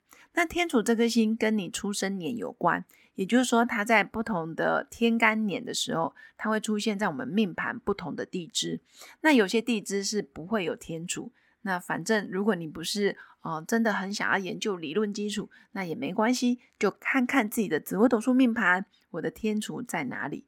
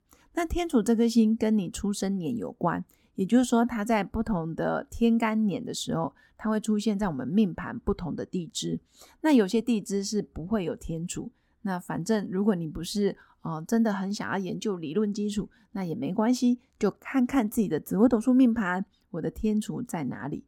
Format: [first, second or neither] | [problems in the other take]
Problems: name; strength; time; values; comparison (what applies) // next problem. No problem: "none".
second | thin; very slightly; fading below 700 Hz